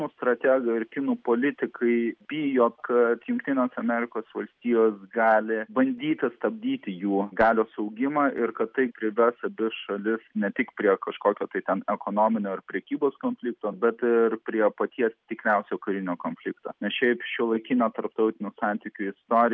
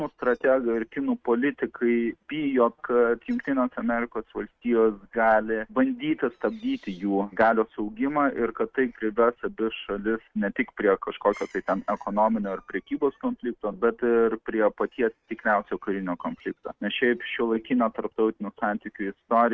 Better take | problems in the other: first | noise reduction (neural mask model RNNoise)

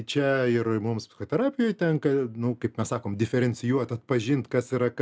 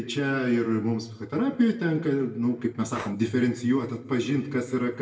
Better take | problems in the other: first | background sound (Breathing); 20 dB below the speech // room echo; dies away in 0.7 s

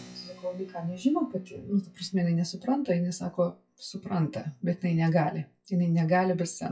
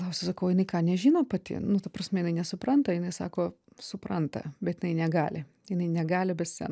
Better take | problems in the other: second | noise reduction (classical method WPE with log-MMSE)

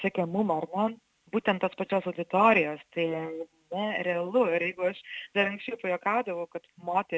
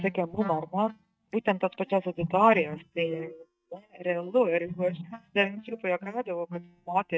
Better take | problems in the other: first | noise reduction (neural mask model DeepFilterNet 3)

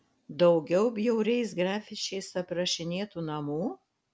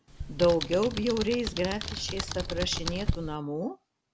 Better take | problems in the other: first | background sound (Computer keyboard); 5 dB below the speech

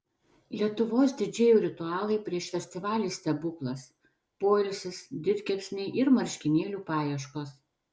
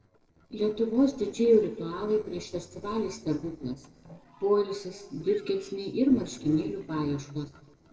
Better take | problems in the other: first | noise reduction (neural separator model SepFormer DNS4)

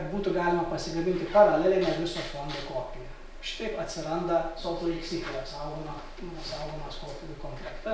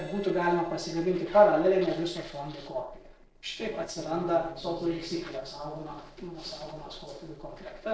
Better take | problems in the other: first | noise reduction (neural separator model SepFormer DNS4)

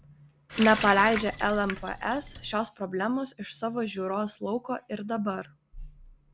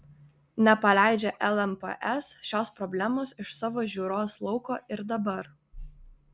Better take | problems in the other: second | background sound (Water tap, faucet); 8 dB below the speech

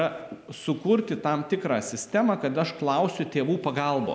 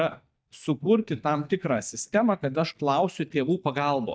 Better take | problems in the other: first | noise reduction (neural mask model DeepFilterNet 3)

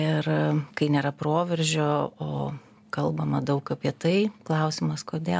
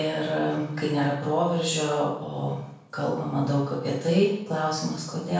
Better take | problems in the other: first | room echo; dies away in 0.7 s

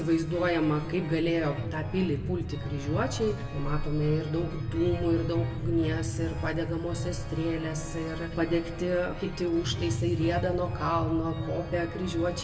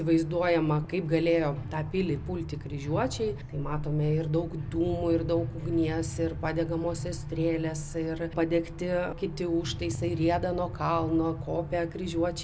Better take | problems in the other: second | background sound (Organ); 18 dB below the speech // room echo; dies away in 1.6 s

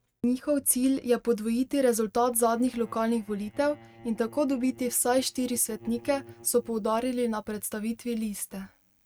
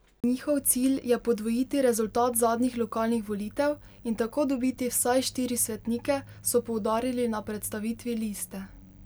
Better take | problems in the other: second | noise reduction (neural mask model RNNoise)

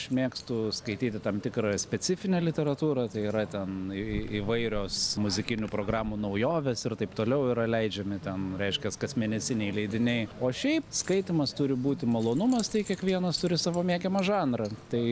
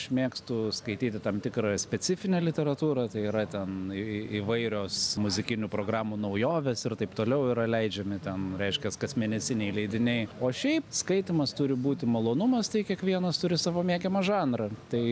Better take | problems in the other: second | background sound (Keys jangling); 19 dB below the speech

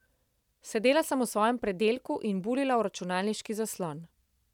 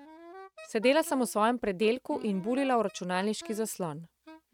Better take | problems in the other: first | noise reduction (neural mask model RNNoise)

